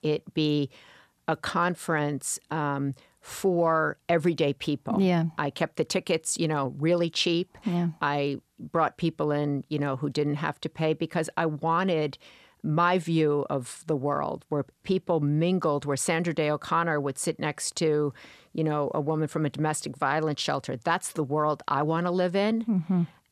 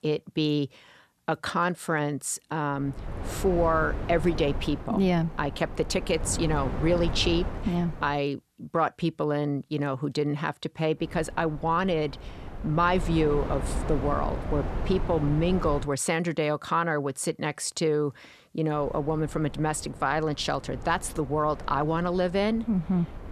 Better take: first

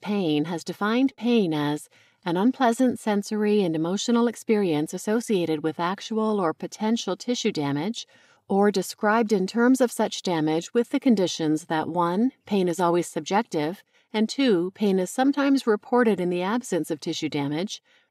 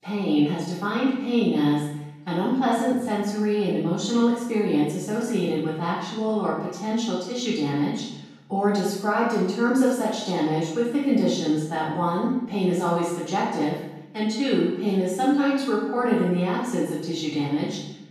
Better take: first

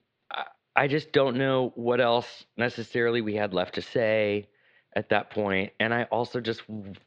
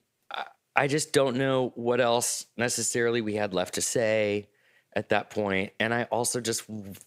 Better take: second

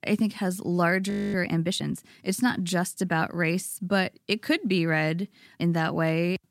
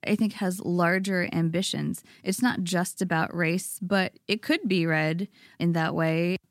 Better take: second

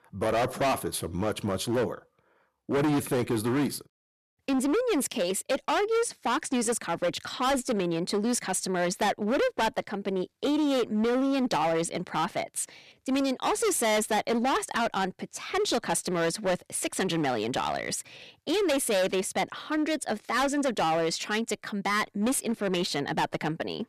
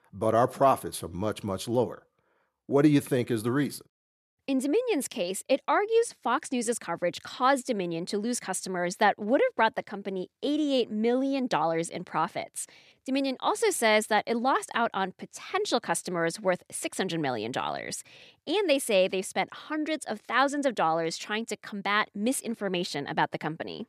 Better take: second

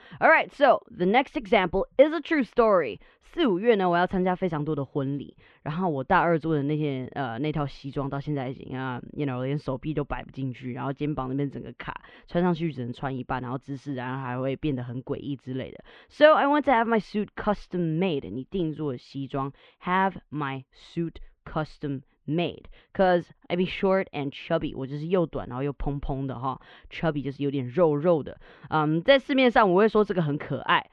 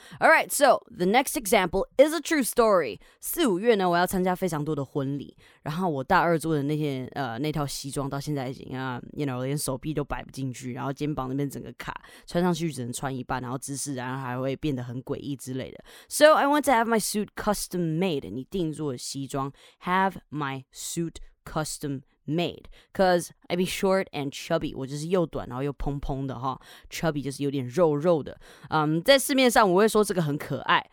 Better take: second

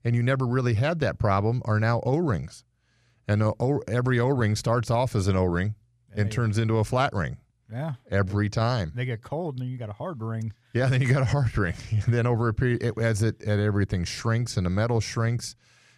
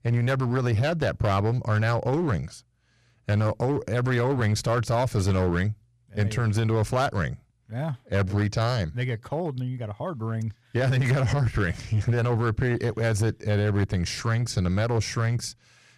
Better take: first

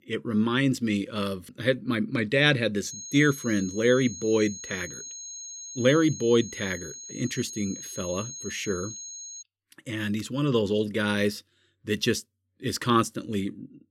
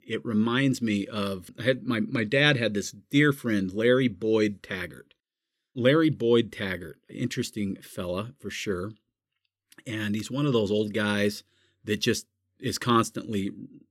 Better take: second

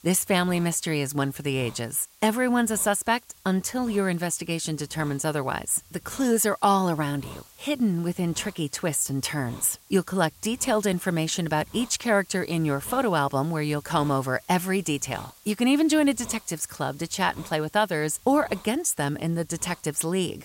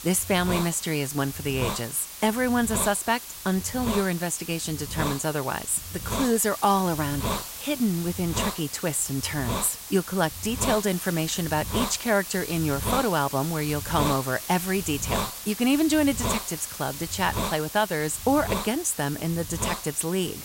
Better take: first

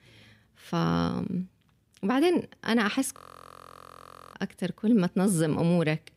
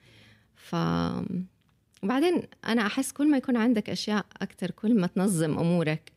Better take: second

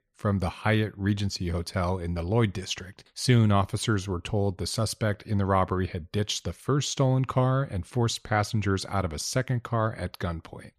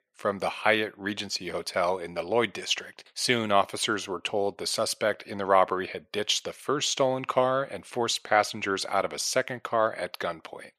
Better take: first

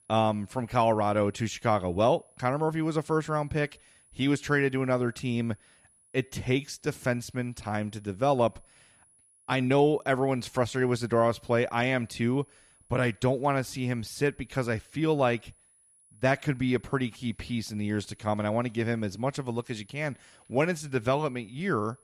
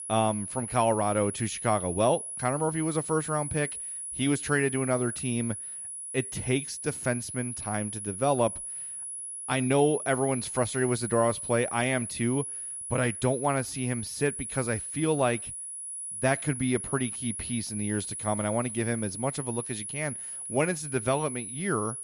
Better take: first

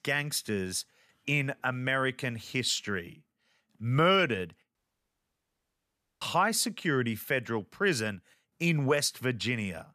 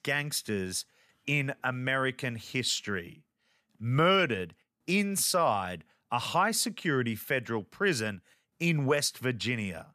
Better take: second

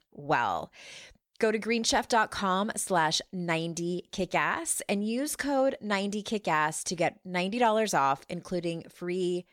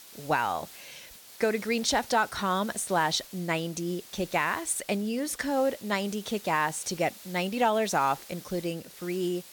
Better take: first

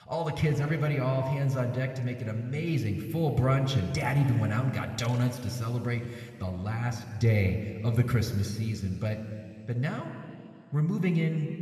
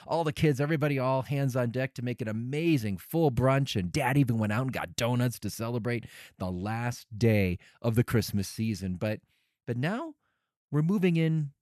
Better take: second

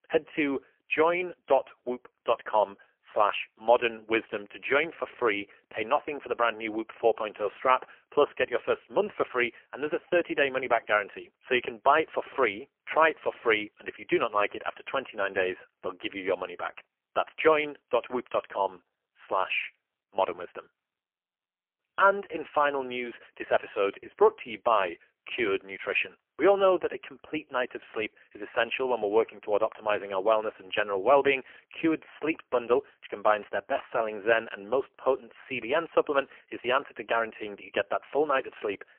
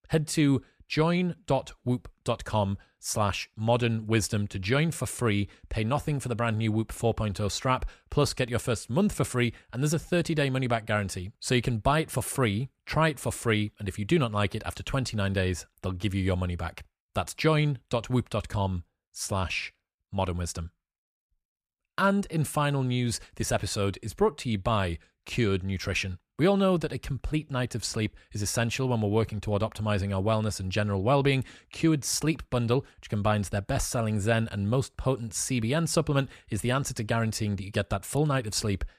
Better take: second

